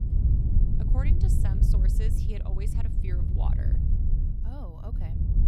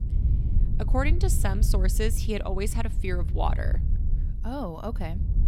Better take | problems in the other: second | wind noise on the microphone; heavy; 2 dB above the speech; occasional gusts in the second

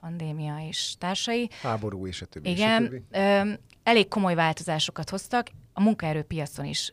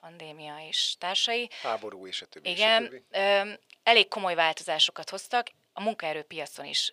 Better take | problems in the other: first | thin; very; fading below 450 Hz

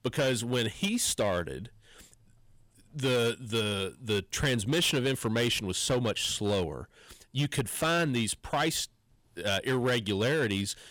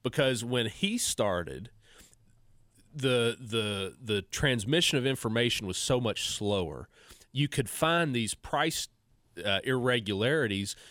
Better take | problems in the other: second | distortion; slight; 8% of the sound clipped

